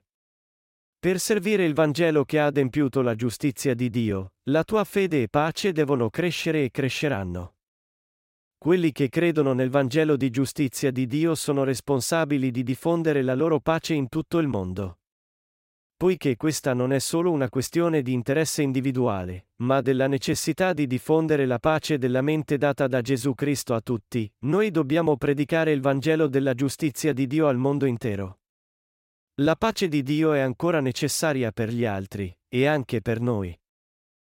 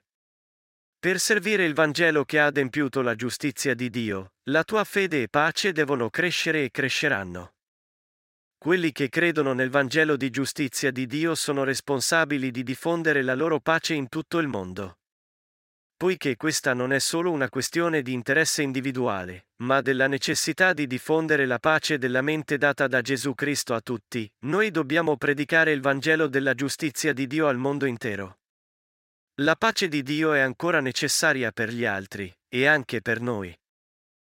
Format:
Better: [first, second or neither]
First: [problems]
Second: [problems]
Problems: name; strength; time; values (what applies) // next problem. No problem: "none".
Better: first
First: none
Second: thin; very slightly; fading below 400 Hz